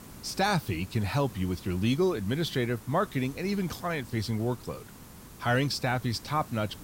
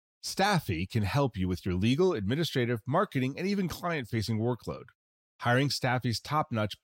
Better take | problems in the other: second | hiss; noticeable; throughout; 15 dB below the speech

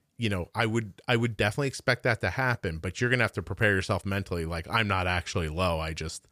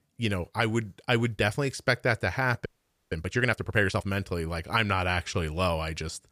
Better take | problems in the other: first | audio freezing; at 2.5 s

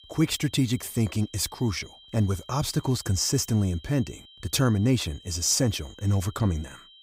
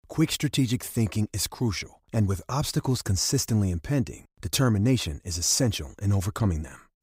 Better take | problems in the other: second | high-pitched whine; faint; throughout; 3 kHz, 25 dB below the speech

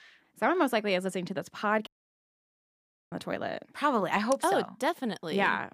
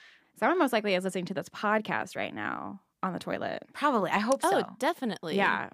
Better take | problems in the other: second | audio cutting out; at 2 s for 1.5 s

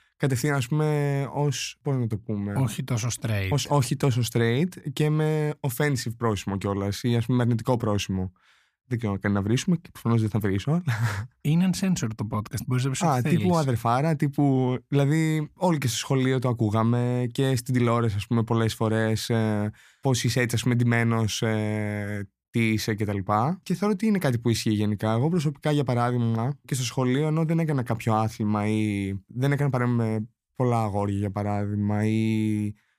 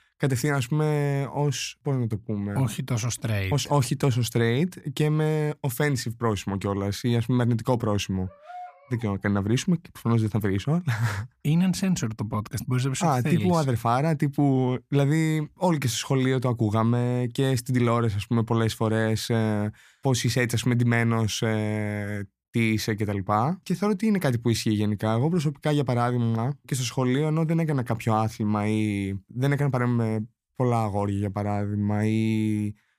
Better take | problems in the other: first | dog barking; faint; at 8.5 s; peak 15 dB below the speech

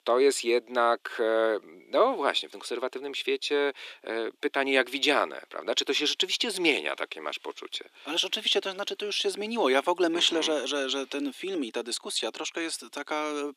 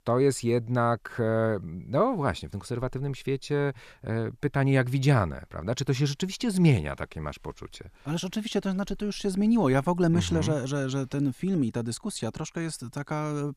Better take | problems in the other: second | thin; somewhat; fading below 300 Hz

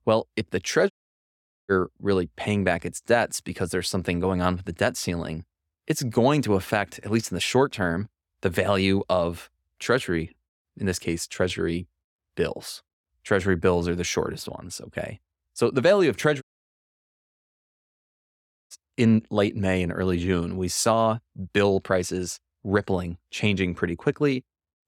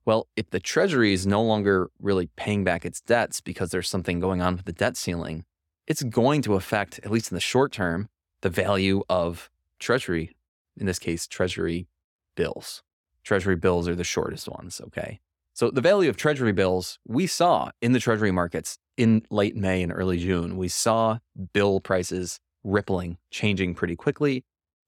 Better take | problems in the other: second | audio cutting out; at 1 s for 1 s and at 16 s for 2.5 s

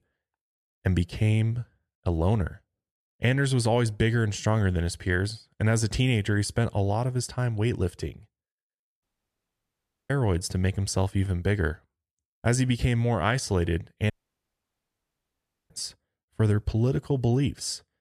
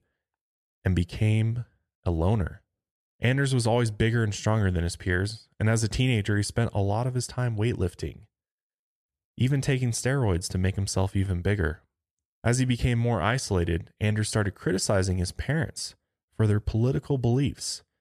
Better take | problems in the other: second | audio cutting out; at 9 s for 1 s and at 14 s for 1.5 s

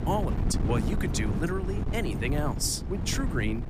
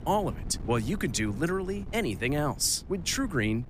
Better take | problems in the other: second | wind noise on the microphone; heavy; 7 dB below the speech; occasional gusts in the second

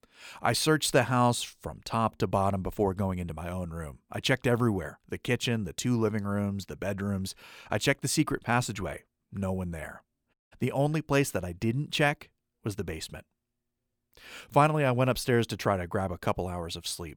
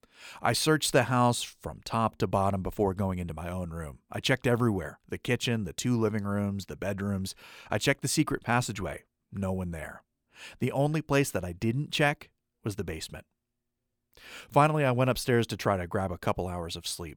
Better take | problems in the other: second | audio cutting out; at 10 s

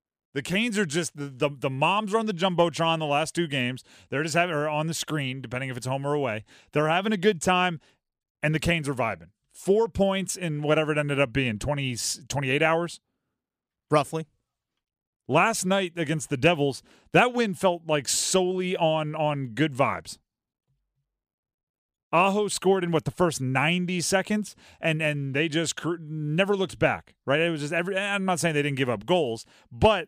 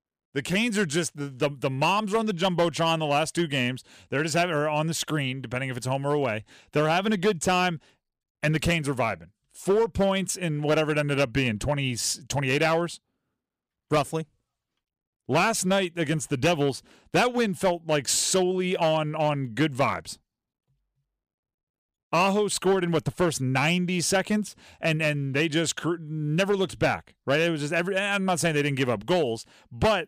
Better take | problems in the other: first | distortion; slight; 4% of the sound clipped

